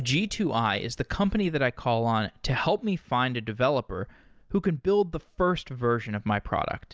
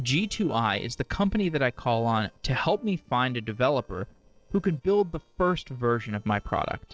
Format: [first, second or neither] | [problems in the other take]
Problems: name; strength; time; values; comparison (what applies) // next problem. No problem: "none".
first | noise reduction (neural separator model SepFormer DNS4)